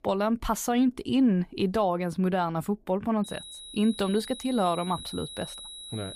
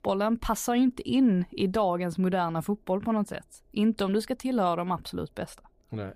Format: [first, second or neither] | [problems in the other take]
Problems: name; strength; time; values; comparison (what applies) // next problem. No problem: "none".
second | high-pitched whine; noticeable; from 3 s on; 4 kHz, 10 dB below the speech